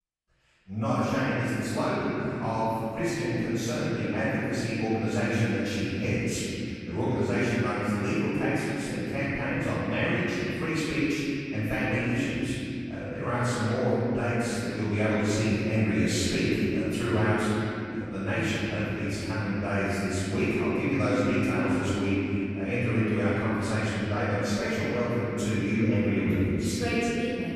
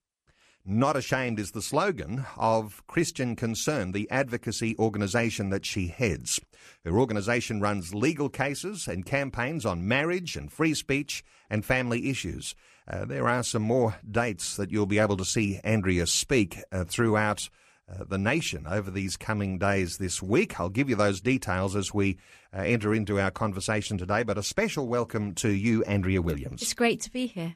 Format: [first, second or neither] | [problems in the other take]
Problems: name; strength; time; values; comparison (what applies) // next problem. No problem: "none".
second | off-mic speech; far // room echo; strong; dies away in 3 s